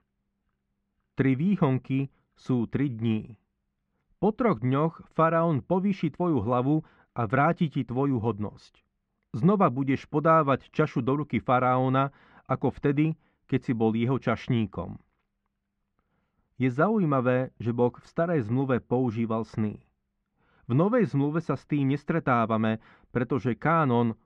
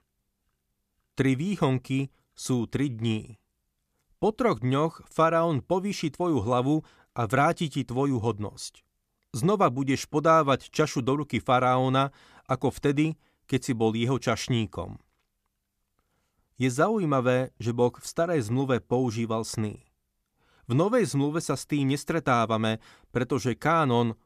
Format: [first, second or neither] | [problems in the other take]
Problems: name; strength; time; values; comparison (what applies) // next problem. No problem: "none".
second | muffled; very; fading above 2 kHz